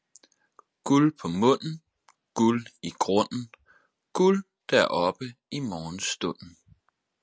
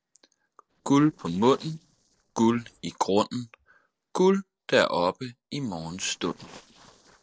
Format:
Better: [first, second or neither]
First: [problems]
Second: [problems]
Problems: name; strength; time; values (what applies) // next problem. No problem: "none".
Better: first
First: none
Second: noise reduction (neural separator model SepFormer DNS4)